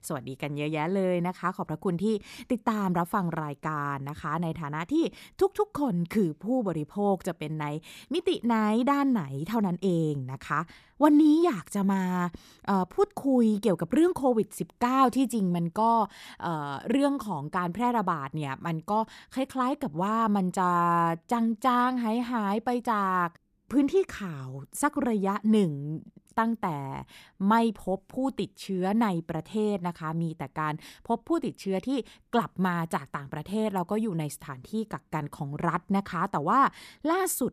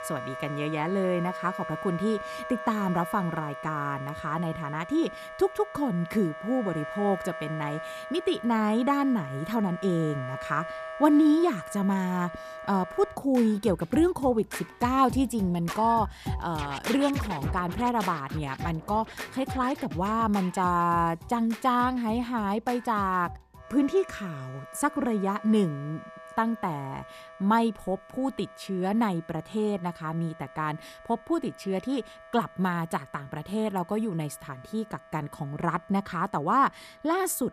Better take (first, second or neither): first